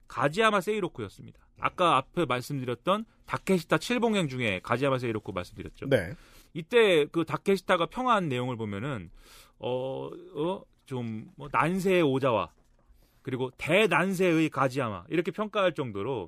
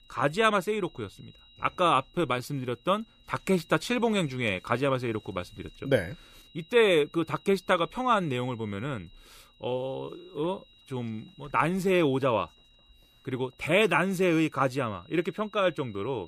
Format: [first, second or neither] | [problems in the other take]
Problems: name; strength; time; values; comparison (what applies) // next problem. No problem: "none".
first | high-pitched whine; faint; throughout; 4 kHz, 30 dB below the speech